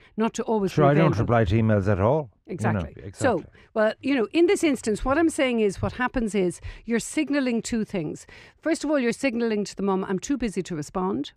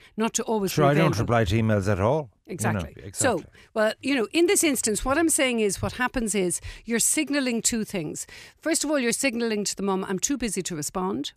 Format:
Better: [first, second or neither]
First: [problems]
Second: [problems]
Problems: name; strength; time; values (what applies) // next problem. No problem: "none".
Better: second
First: muffled; slightly; fading above 1.5 kHz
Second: none